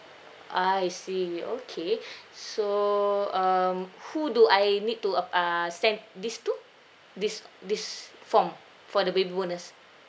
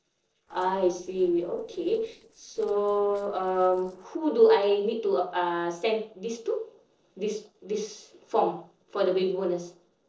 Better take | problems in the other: first | noise reduction (neural separator model SepFormer DNS4)

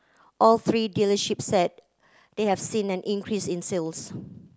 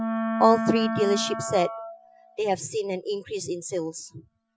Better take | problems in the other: first | noise reduction (classical method Wiener filter)

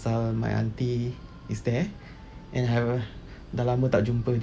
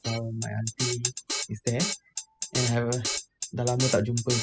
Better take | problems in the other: first | noise reduction (classical method spectral subtraction)

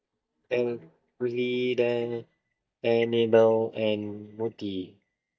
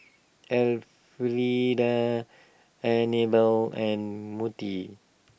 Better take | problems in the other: second | noise reduction (neural mask model DeepFilterNet 3)

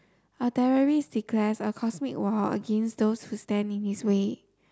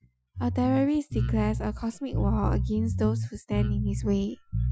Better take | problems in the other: first | noise reduction (classical method Wiener filter)

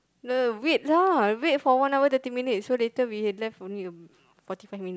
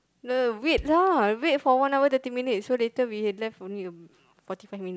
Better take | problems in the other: first | background sound (Bass drum); 18 dB below the speech

